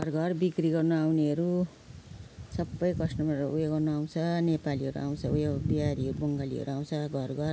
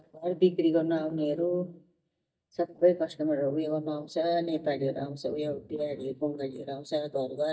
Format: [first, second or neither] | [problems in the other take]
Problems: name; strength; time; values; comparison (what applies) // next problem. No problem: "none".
first | noise reduction (neural mask model DeepFilterNet 3)